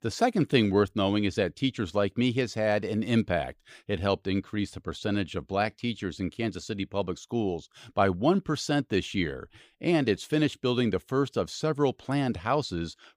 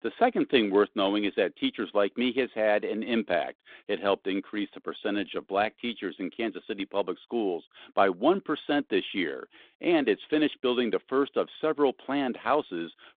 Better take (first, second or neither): first